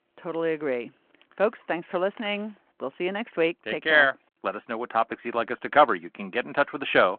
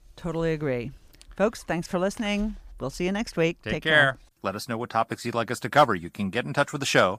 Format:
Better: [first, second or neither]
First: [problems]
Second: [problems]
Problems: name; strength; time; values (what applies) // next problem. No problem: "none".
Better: second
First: phone-call audio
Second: none